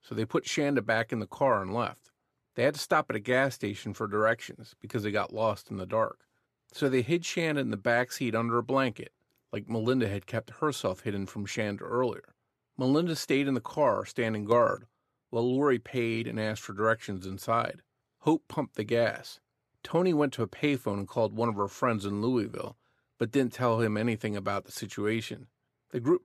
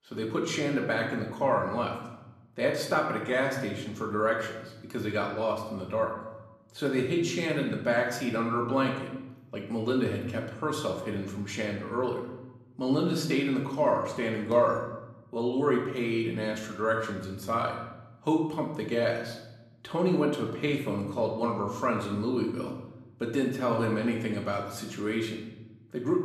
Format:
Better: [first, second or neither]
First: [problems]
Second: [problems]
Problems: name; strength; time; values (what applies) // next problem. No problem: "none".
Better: first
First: none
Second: room echo; slight; dies away in 0.9 s // off-mic speech; somewhat distant